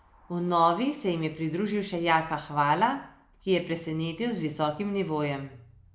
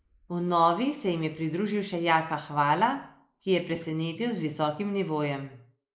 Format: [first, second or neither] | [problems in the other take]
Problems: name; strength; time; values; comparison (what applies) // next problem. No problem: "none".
first | noise reduction (neural mask model Resemble Enhance denoiser)